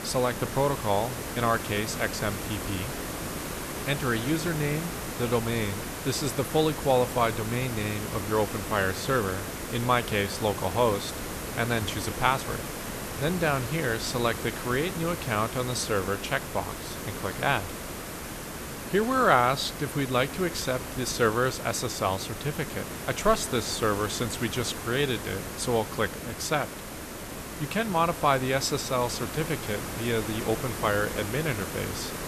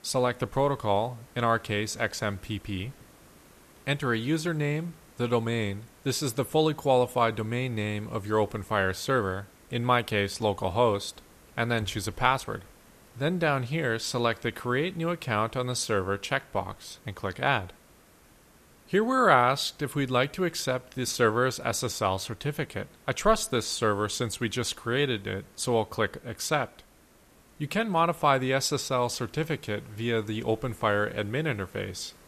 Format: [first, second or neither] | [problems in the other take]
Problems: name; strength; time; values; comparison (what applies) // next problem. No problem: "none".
second | hiss; loud; throughout; 7 dB below the speech; faint in the second